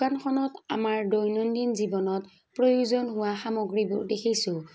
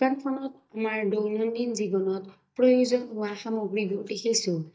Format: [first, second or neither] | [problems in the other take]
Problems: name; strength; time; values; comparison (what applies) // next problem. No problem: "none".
first | noise reduction (neural mask model DeepFilterNet 3)